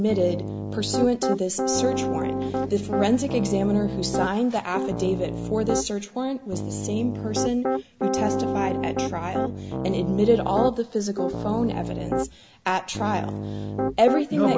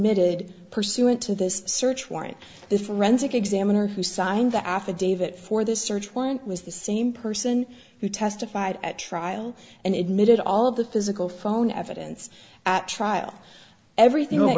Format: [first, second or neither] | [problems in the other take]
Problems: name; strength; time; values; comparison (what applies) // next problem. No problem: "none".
second | background sound (Piano); 3 dB below the speech